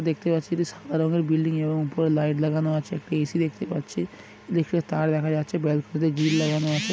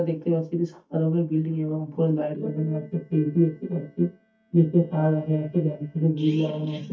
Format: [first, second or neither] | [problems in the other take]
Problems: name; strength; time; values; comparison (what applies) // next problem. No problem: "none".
first | noise reduction (neural mask model DeepFilterNet 3)